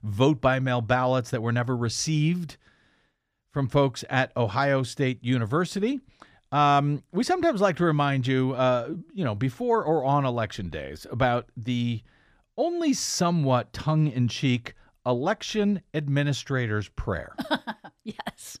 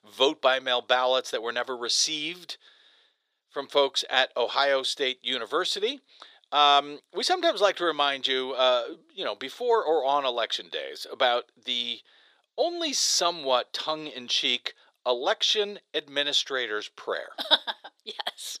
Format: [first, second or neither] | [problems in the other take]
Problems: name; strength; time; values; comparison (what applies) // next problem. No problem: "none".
first | thin; very; fading below 400 Hz